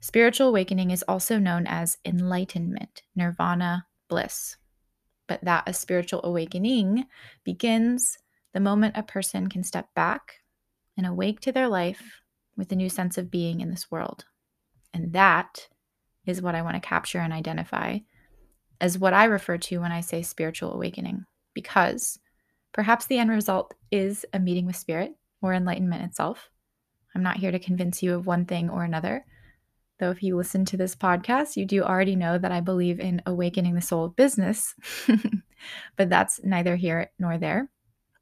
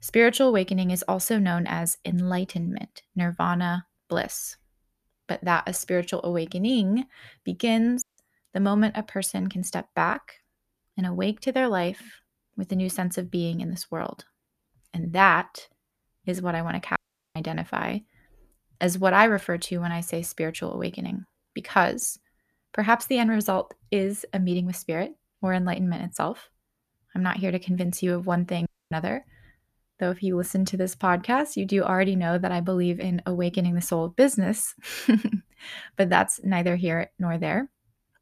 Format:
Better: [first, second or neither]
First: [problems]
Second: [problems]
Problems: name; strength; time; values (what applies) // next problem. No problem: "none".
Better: first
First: none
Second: audio cutting out; at 8 s, at 17 s and at 29 s